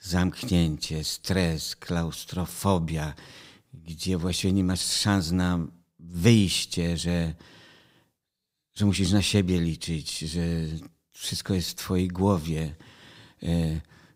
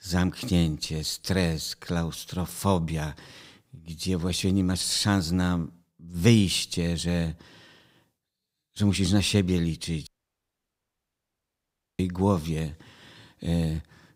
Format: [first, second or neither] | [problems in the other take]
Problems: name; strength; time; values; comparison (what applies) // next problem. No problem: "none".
first | audio cutting out; at 10 s for 2 s